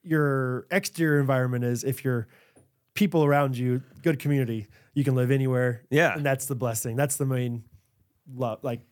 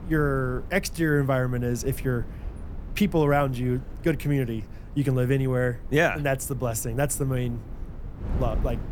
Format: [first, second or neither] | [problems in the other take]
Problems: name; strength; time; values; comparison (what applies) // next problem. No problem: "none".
first | wind noise on the microphone; occasional gusts; 20 dB below the speech